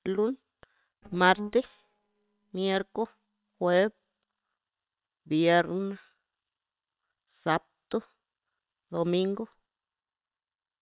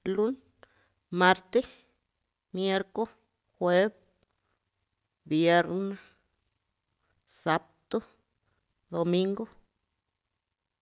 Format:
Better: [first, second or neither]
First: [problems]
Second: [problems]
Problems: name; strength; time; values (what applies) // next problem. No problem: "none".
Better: second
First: noise reduction (neural separator model SepFormer WHAM!)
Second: none